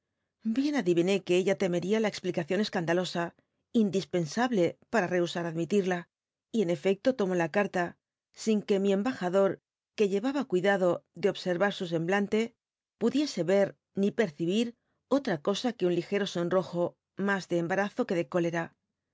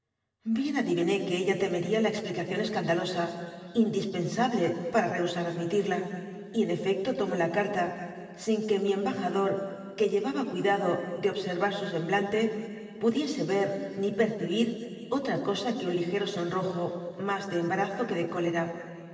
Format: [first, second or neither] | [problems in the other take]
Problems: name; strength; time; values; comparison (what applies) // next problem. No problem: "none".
first | room echo; dies away in 2.3 s